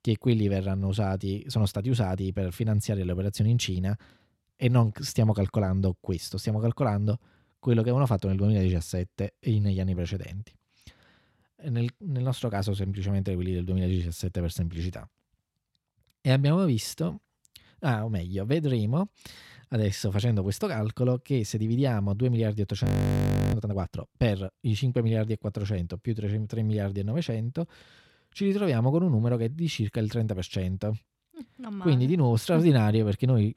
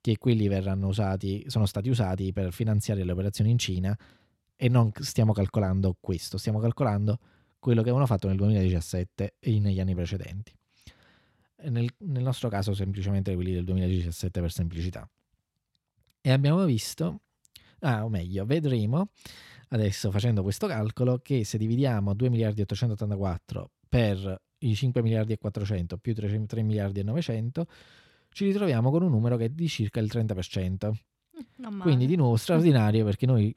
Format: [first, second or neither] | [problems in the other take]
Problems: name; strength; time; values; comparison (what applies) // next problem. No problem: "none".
second | audio freezing; at 23 s for 0.5 s